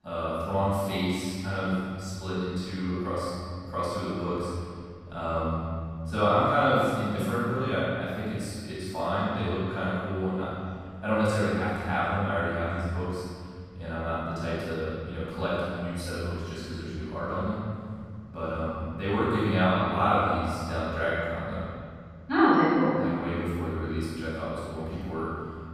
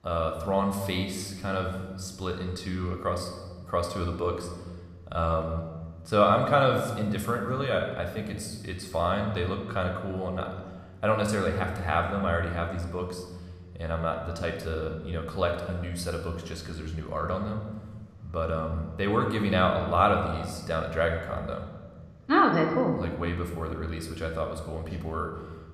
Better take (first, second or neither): second